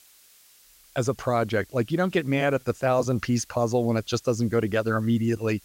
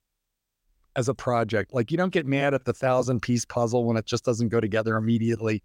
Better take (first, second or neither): second